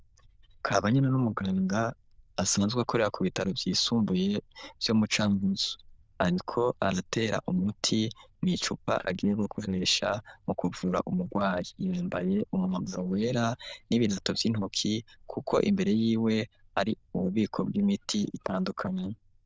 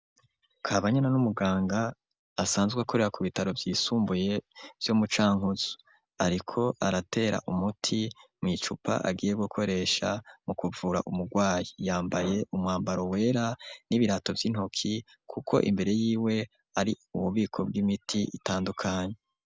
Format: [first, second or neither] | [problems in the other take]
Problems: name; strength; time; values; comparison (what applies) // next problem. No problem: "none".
second | noise reduction (neural diffusion model UNIVERSE++)